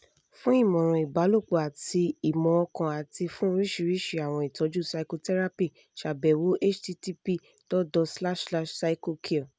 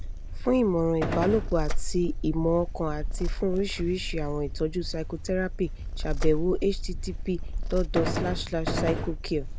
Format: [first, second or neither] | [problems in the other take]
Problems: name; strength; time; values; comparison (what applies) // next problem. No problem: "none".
first | background sound (Gunshot, gunfire + Purr); 1 dB below the speech